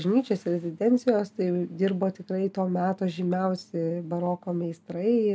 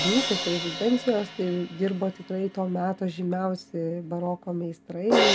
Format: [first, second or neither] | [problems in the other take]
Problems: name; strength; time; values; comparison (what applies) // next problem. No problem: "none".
first | background sound (Crash cymbal); 4 dB below the speech